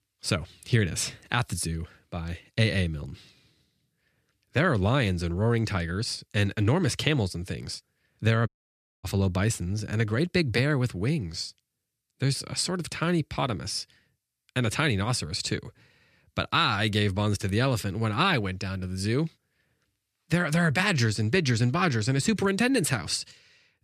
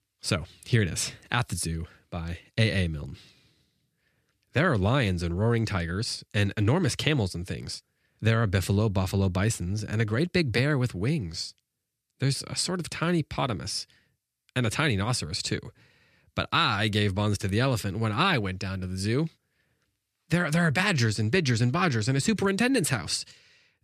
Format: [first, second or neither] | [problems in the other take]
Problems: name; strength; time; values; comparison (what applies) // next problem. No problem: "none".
second | audio cutting out; at 8.5 s for 0.5 s